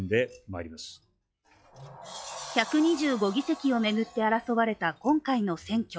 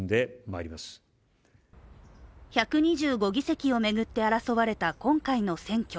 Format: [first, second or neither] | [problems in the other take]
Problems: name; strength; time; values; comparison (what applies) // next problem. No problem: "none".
second | noise reduction (classical method log-MMSE)